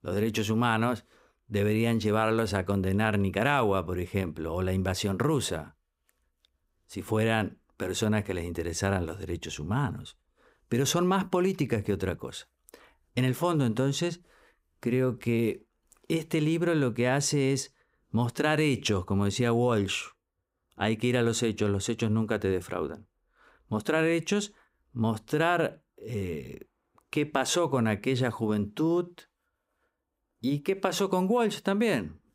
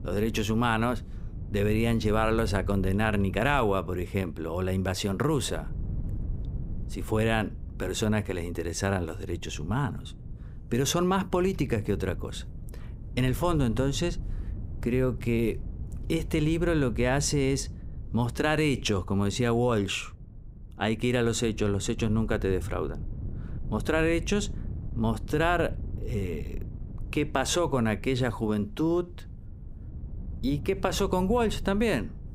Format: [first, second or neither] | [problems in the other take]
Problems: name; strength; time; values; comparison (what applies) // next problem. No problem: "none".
first | wind noise on the microphone; occasional gusts; 20 dB below the speech